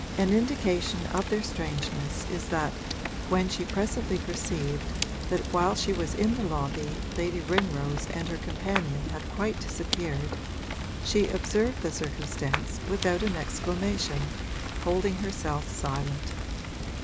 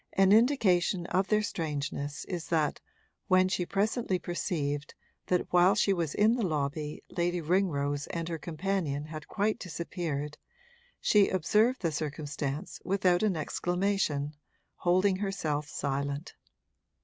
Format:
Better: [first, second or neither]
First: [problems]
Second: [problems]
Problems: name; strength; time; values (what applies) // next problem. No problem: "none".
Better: second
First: background sound (Clapping + Fire); 3 dB below the speech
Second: none